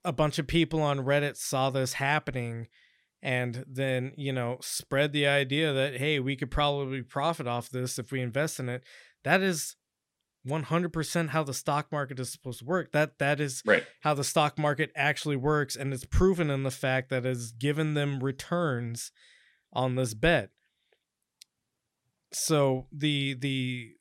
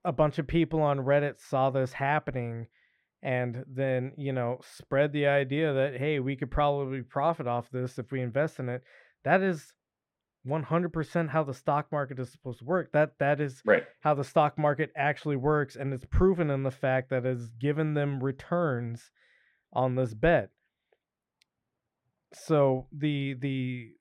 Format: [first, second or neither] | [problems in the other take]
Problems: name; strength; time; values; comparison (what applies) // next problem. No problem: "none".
first | muffled; very; fading above 3 kHz